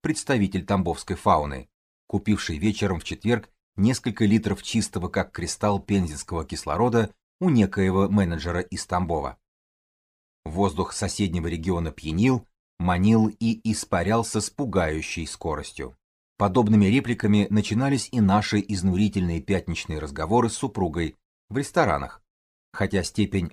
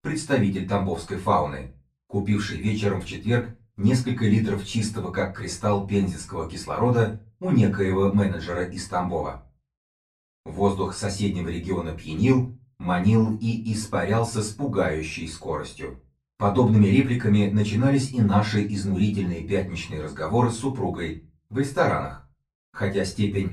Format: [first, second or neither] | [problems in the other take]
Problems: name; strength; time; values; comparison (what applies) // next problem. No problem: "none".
first | off-mic speech; far // room echo; very slight; dies away in 0.2 s